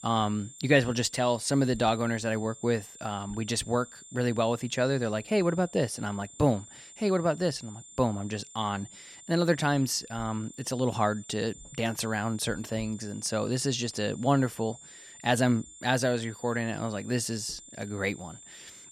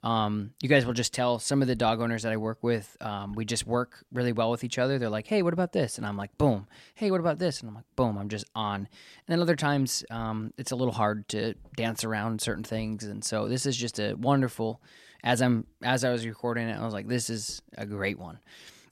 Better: second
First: high-pitched whine; noticeable; throughout; 7 kHz, 20 dB below the speech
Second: none

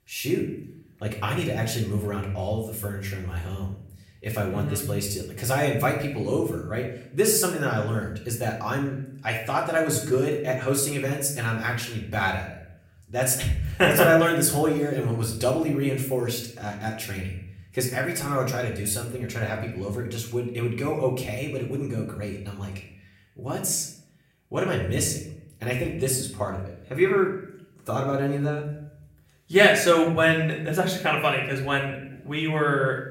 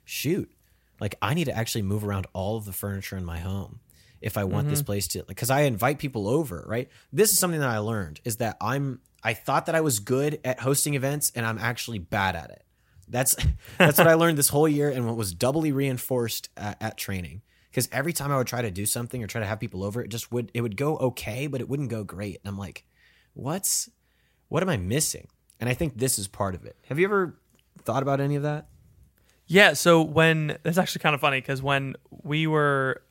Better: second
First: room echo; slight; dies away in 0.6 s // off-mic speech; far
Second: none

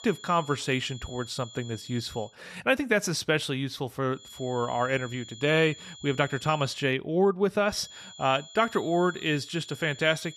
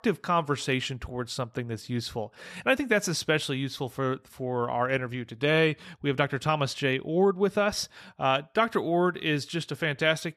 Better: second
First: high-pitched whine; noticeable; until 2.5 s, from 4 to 7 s and from 7.5 s on; 3.5 kHz, 15 dB below the speech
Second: none

